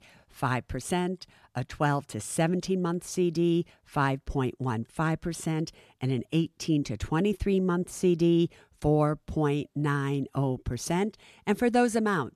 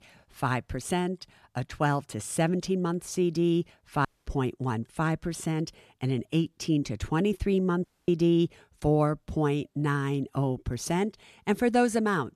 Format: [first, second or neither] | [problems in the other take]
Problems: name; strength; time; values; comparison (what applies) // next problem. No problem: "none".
first | audio cutting out; at 4 s and at 8 s